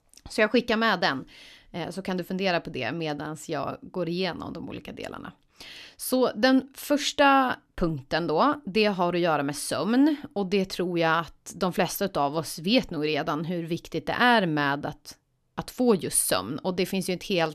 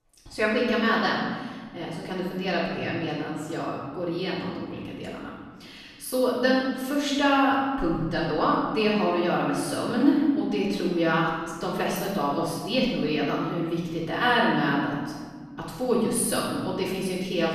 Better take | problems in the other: first | room echo; strong; dies away in 1.4 s // off-mic speech; far

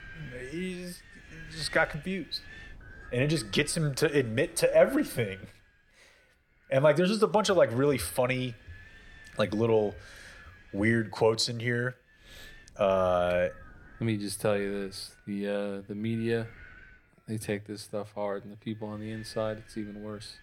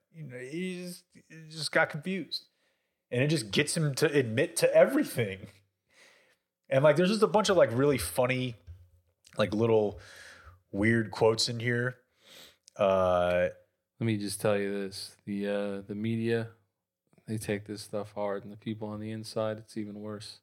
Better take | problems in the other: second | wind noise on the microphone; occasional gusts; 20 dB below the speech

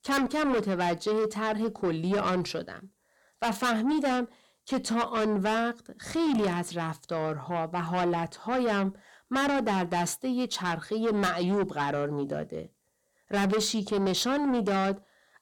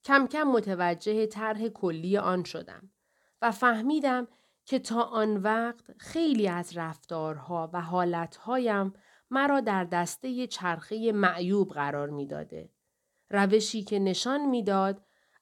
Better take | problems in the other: second | distortion; heavy; 7 dB below the speech

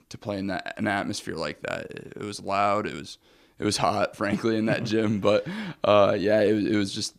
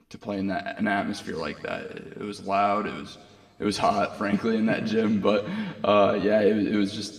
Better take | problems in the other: first | room echo; very slight; dies away in 1.6 s

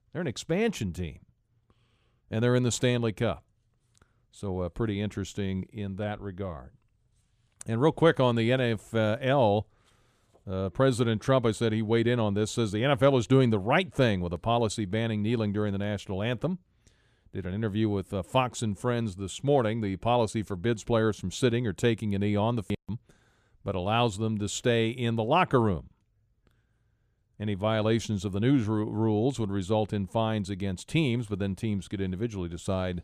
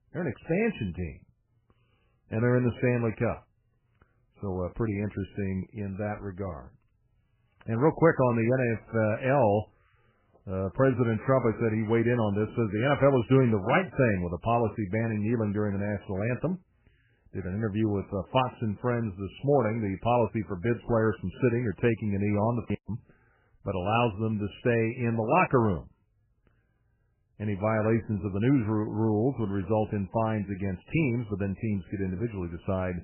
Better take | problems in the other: first | garbled, watery; badly; nothing above 3 kHz

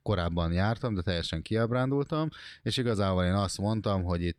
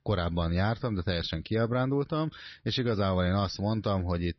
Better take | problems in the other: first | garbled, watery; slightly; nothing above 5.5 kHz

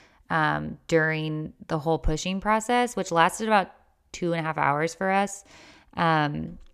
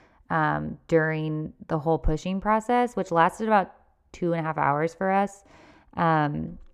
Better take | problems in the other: first | muffled; slightly; fading above 2 kHz

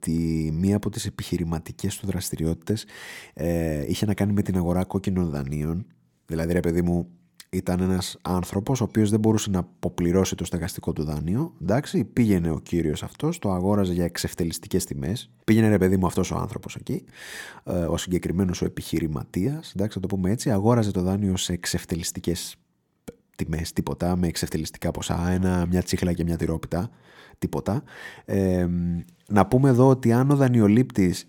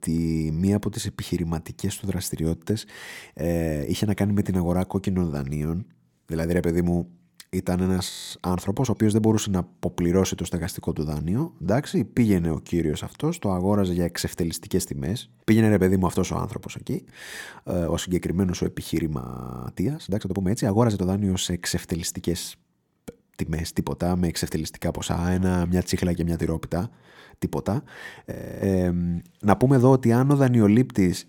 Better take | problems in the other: first | audio freezing; at 8 s, at 19 s and at 28 s

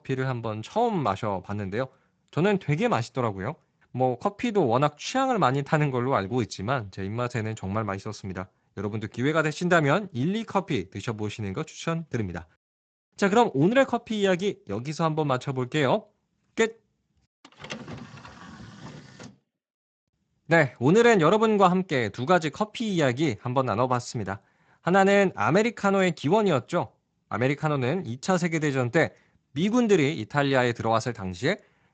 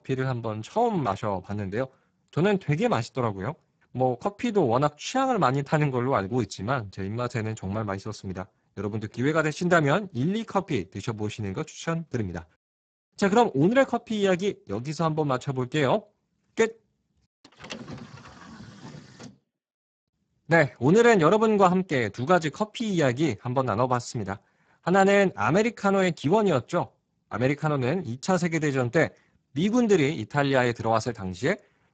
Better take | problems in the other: first | garbled, watery; badly; nothing above 7.5 kHz; slightly in the first

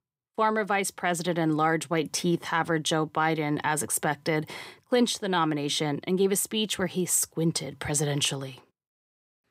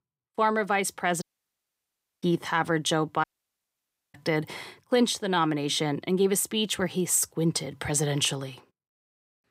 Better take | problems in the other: first | audio cutting out; at 1 s for 1 s and at 3 s for 1 s

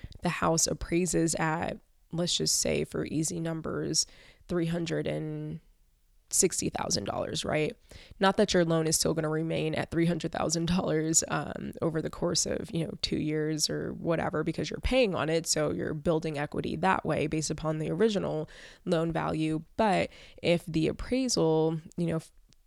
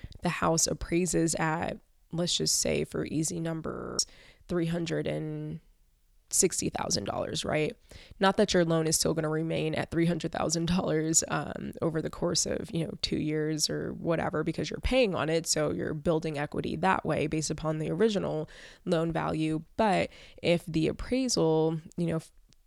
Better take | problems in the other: first | audio freezing; at 3.5 s

